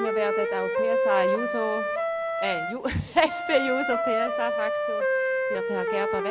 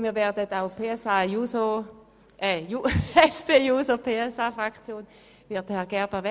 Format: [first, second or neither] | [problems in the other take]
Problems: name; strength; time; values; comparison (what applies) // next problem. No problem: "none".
second | background sound (Wind instrument, woodwind instrument); 3 dB above the speech